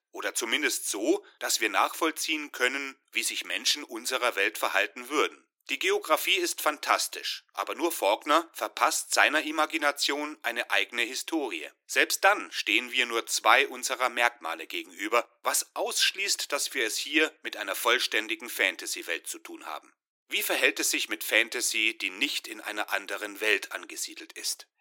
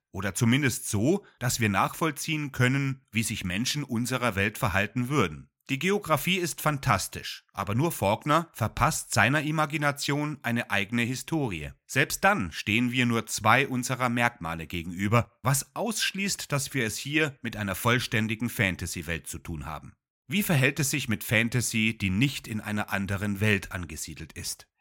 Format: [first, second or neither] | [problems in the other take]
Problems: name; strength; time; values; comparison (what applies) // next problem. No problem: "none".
second | thin; very; fading below 300 Hz